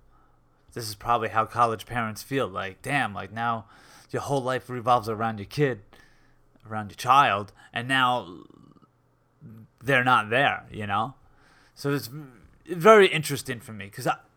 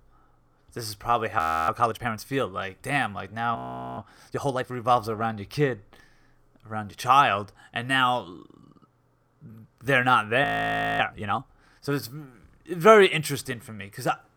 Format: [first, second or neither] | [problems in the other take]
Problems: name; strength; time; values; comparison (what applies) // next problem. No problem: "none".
first | audio freezing; at 1.5 s, at 3.5 s and at 10 s for 0.5 s